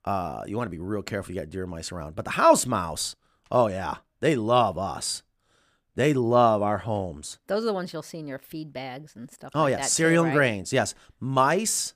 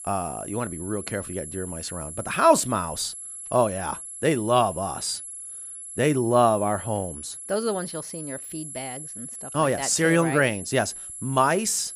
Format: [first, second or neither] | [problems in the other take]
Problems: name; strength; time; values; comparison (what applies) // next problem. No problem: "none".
first | high-pitched whine; noticeable; throughout; 11 kHz, 10 dB below the speech